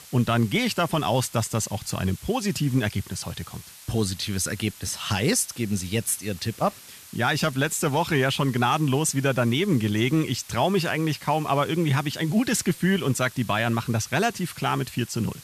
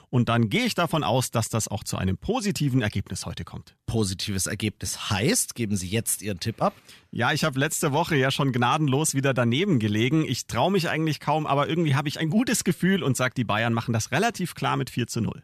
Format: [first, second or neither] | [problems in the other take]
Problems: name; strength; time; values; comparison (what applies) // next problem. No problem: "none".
second | hiss; noticeable; throughout; 20 dB below the speech